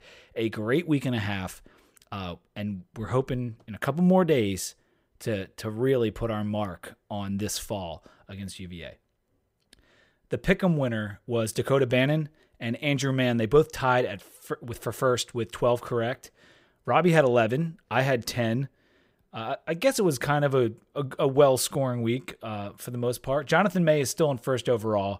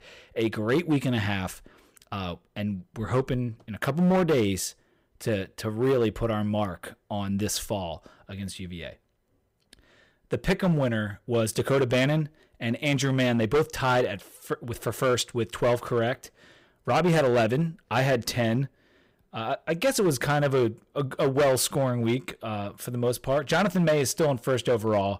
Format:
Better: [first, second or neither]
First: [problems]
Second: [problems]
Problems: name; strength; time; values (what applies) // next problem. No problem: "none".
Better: first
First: none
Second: distortion; slight; 6% of the sound clipped